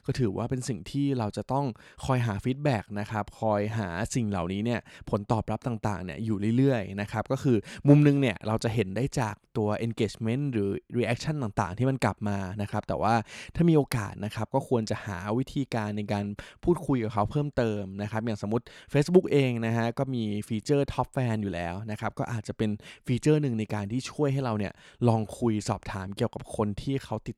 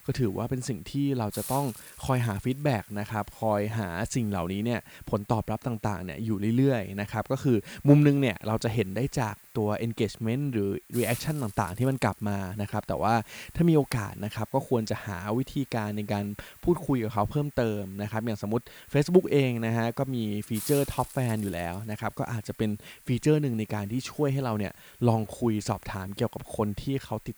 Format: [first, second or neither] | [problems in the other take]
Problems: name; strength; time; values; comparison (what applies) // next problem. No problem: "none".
first | hiss; noticeable; throughout; 20 dB below the speech